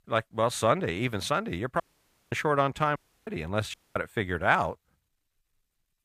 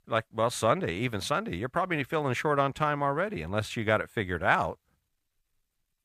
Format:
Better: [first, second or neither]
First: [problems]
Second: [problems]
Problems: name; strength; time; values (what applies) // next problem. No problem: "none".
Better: second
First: audio cutting out; at 2 s for 0.5 s, at 3 s and at 3.5 s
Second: none